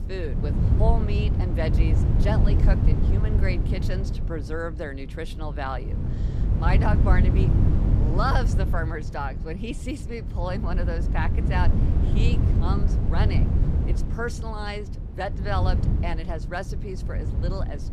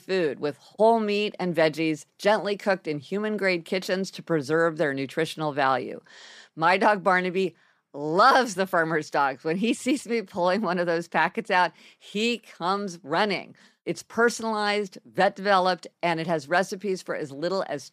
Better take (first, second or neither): second